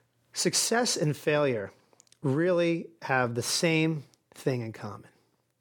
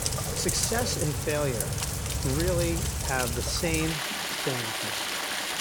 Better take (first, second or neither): first